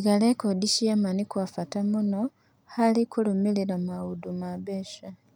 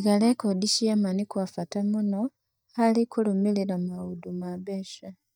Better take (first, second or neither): first